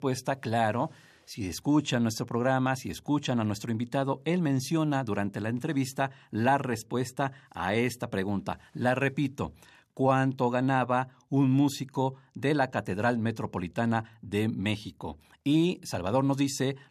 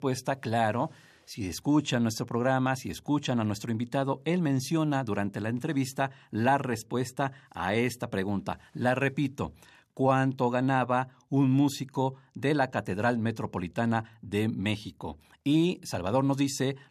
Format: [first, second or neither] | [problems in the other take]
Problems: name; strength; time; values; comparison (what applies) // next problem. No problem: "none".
neither | none